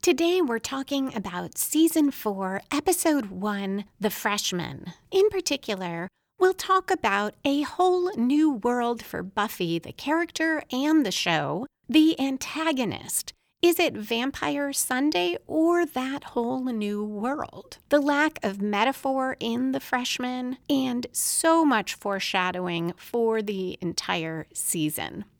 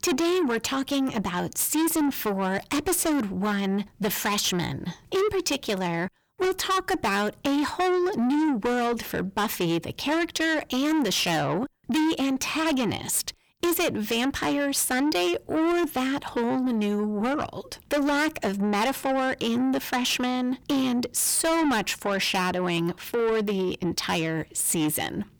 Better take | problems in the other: first | distortion; heavy; 6 dB below the speech

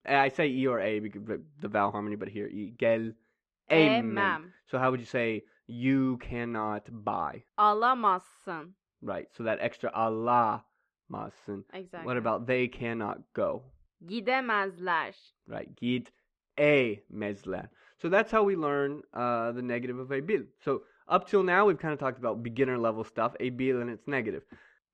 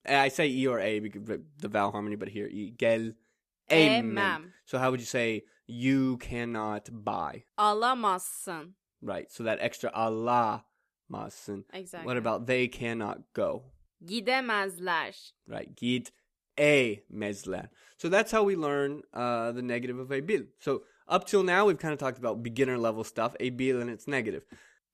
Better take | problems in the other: second | muffled; slightly; fading above 2.5 kHz

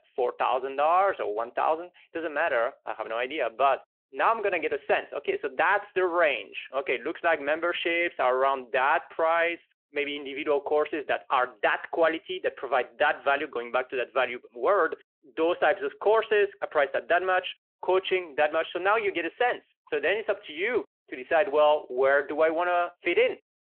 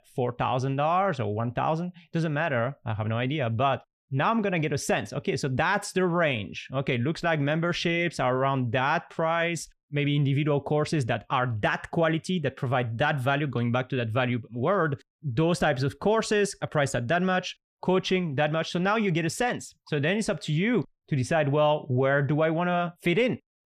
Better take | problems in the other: second | phone-call audio

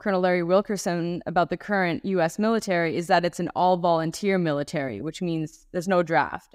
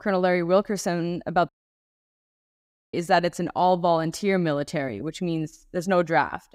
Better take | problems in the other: first | audio cutting out; at 1.5 s for 1.5 s

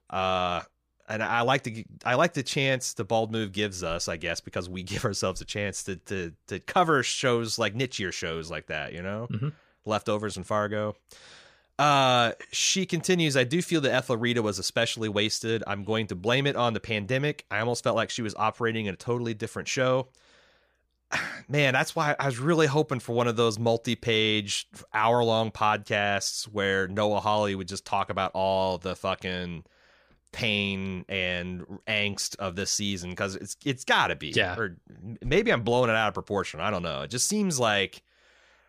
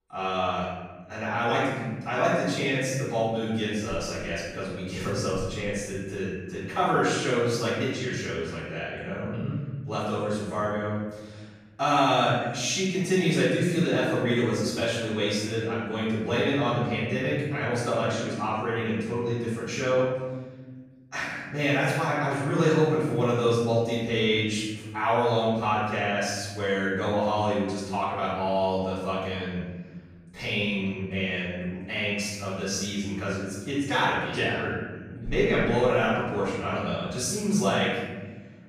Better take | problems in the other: first | room echo; strong; dies away in 1.6 s // off-mic speech; far

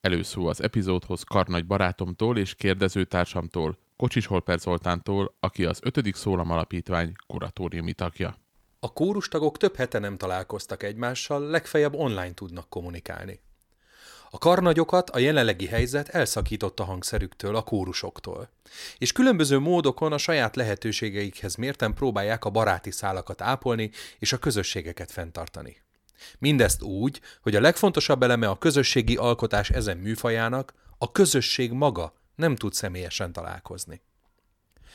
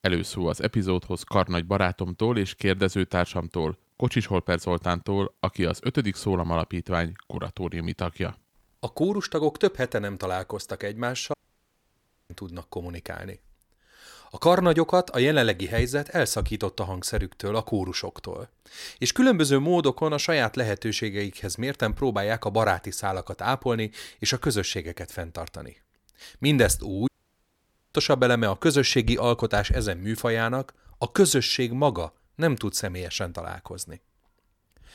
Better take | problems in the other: first | audio cutting out; at 11 s for 1 s and at 27 s for 1 s

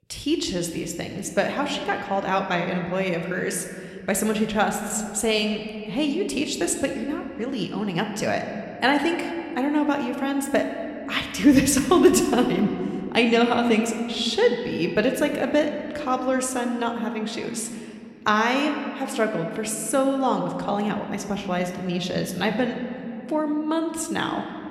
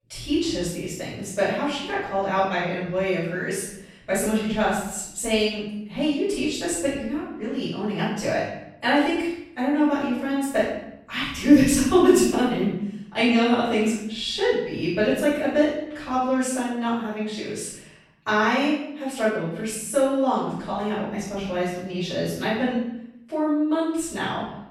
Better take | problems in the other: first | room echo; strong; dies away in 0.8 s; slight in the first // off-mic speech; far

